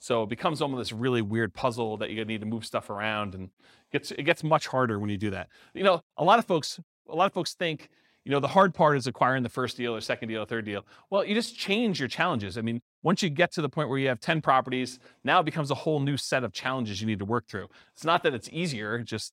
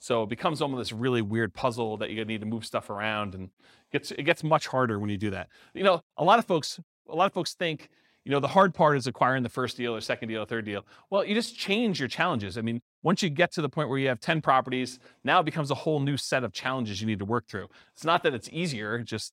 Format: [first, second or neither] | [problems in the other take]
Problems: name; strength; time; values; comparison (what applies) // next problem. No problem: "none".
neither | none